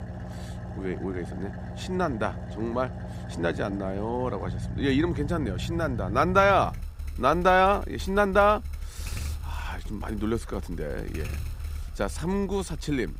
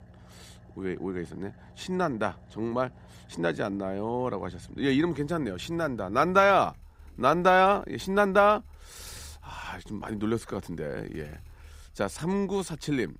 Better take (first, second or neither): second